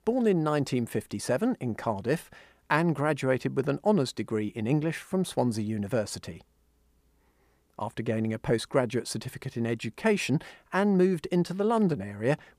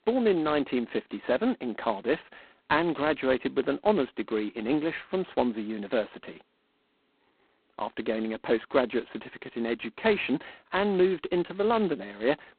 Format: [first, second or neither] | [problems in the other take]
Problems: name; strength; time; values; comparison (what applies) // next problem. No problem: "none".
first | phone-call audio; poor line; nothing above 4 kHz